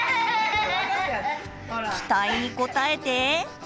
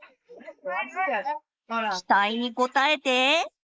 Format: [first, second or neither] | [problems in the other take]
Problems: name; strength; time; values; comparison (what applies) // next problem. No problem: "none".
first | noise reduction (neural mask model Resemble Enhance denoiser)